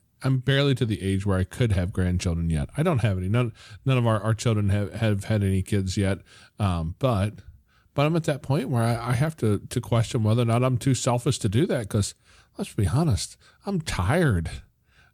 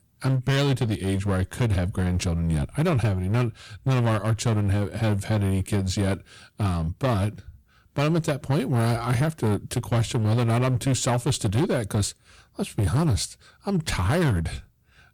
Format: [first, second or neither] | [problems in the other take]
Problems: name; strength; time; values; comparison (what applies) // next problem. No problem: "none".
first | distortion; slight; 15% of the sound clipped